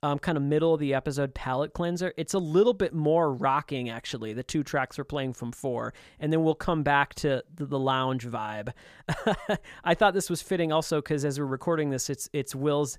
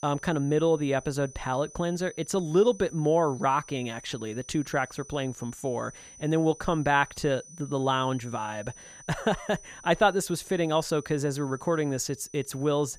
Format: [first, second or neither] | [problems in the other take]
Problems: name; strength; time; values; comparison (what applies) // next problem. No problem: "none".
first | high-pitched whine; noticeable; throughout; 6 kHz, 20 dB below the speech